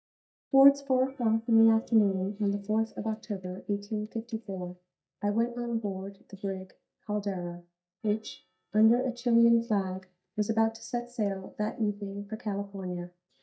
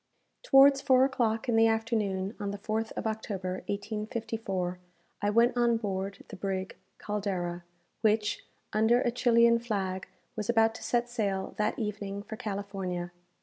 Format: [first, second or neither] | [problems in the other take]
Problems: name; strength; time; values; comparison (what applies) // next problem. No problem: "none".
second | noise reduction (neural mask model DeepFilterNet 3)